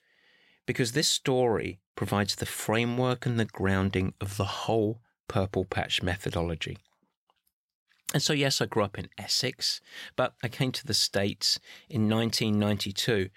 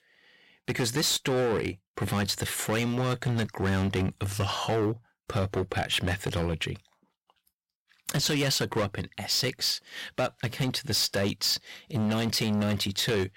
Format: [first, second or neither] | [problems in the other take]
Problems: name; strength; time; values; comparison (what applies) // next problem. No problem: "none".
first | distortion; heavy; 14% of the sound clipped